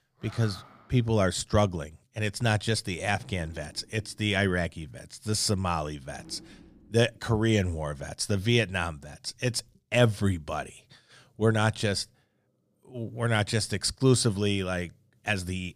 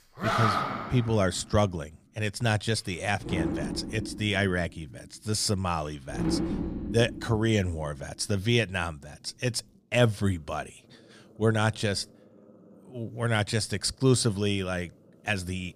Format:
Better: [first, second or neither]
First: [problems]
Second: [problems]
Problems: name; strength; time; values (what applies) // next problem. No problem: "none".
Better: first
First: animal sounds; faint; throughout; 25 dB below the speech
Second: animal sounds; loud; throughout; 4 dB below the speech